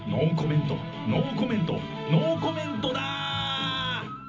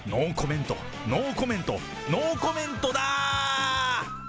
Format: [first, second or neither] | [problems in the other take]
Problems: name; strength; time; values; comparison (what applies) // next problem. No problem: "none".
second | background sound (Wind instrument, woodwind instrument); 16 dB below the speech // room echo; dies away in 0.4 s